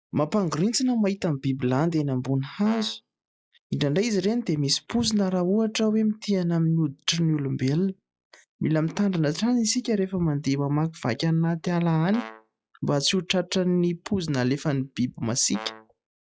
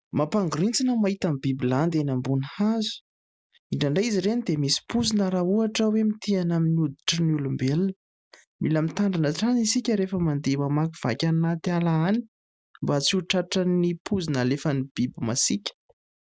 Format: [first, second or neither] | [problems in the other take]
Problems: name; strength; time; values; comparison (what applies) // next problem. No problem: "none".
second | noise reduction (classical method log-MMSE)